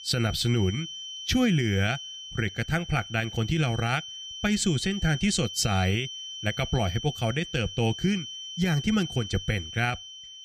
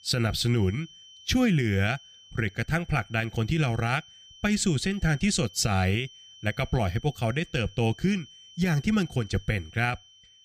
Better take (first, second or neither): second